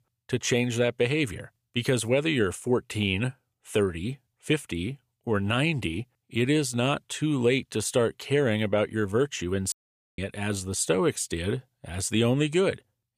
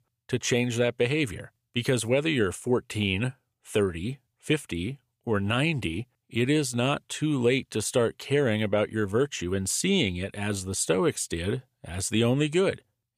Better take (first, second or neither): second